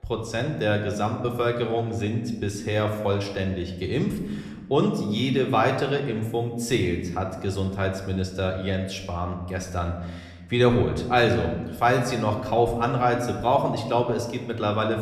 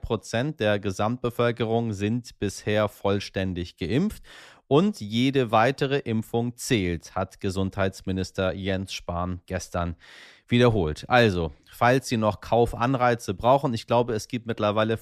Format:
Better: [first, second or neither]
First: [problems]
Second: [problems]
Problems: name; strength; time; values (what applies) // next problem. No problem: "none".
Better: second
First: room echo; slight; dies away in 1 s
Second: none